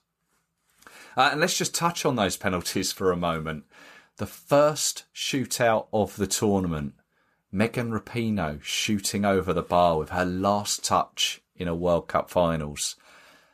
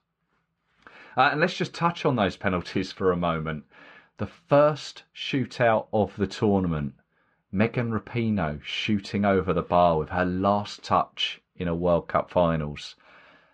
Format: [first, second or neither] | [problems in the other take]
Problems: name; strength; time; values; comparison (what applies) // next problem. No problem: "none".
first | muffled; slightly; fading above 3.5 kHz